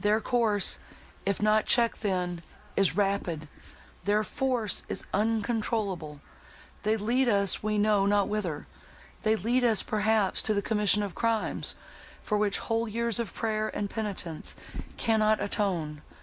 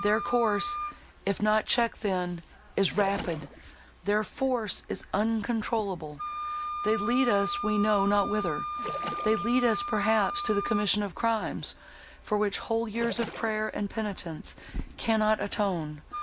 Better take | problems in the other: first | background sound (Splash, splatter + Wind instrument, woodwind instrument); 8 dB below the speech

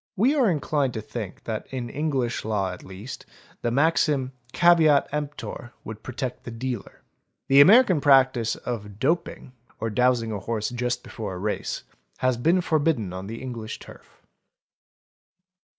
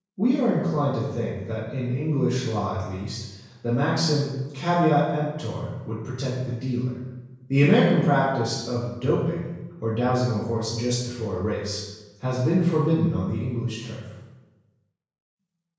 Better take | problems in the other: first | room echo; dies away in 1 s

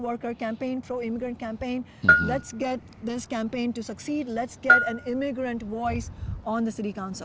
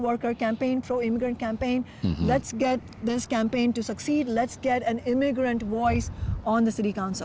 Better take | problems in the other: second | background sound (Bell); 2 dB above the speech

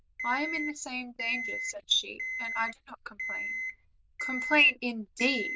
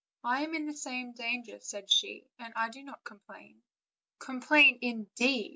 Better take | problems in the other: second | noise reduction (neural diffusion model UNIVERSE++)

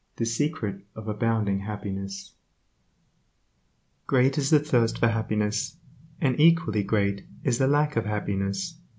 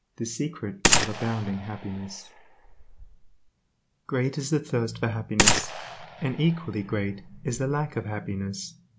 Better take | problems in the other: first | background sound (Gunshot, gunfire); 2 dB above the speech

